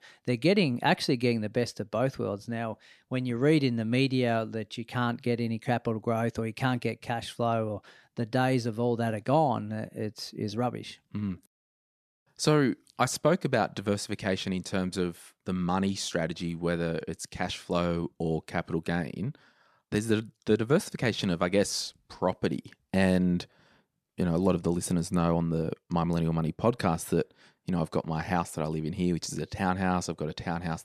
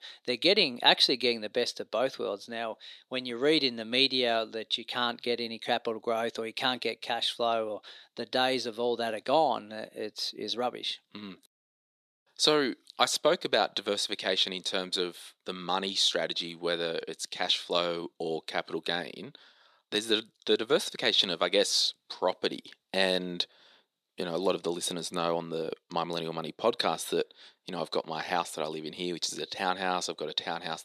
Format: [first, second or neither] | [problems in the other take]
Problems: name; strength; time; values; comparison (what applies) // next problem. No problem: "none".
first | thin; somewhat; fading below 400 Hz